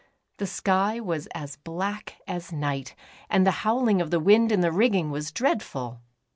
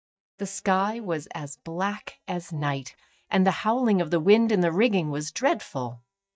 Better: first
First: none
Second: noise reduction (neural mask model DeepFilterNet 3)

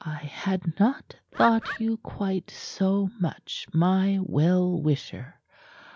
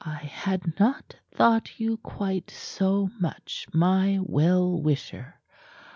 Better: second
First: background sound (Bird); 10 dB below the speech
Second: none

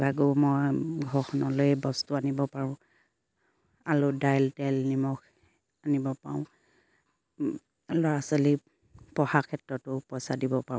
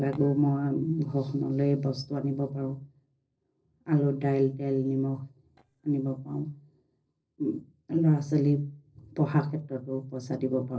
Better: first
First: none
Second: noise reduction (neural separator model SepFormer DNS4)

